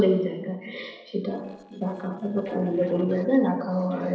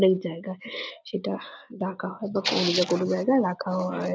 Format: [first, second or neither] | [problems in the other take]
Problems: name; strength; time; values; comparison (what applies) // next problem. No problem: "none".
second | noise reduction (neural separator model SepFormer DNS4)